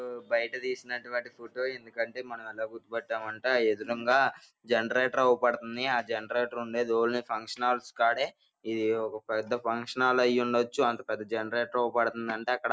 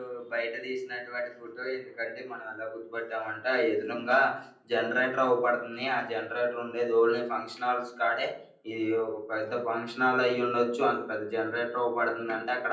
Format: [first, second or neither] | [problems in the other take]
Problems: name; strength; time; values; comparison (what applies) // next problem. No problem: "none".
first | room echo; dies away in 0.6 s